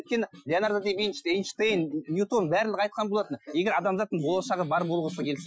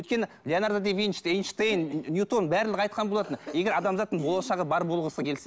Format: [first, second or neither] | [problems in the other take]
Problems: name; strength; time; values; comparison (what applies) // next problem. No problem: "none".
second | noise reduction (classical method Wiener filter)